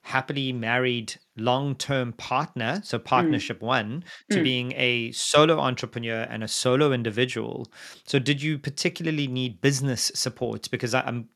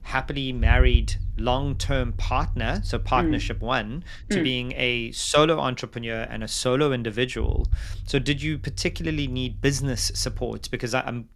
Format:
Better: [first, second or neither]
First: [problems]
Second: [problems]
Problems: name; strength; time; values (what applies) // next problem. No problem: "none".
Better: first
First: none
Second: low rumble; faint; throughout; 25 dB below the speech